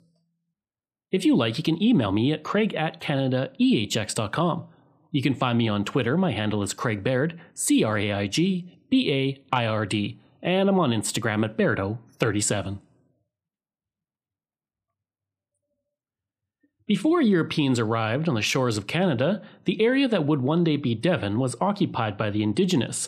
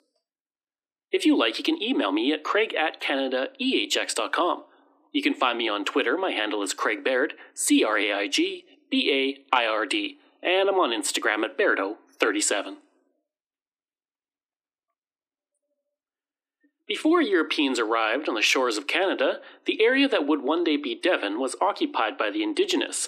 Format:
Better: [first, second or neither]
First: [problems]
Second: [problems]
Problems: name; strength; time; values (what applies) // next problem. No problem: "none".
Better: first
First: none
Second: thin; somewhat; fading below 300 Hz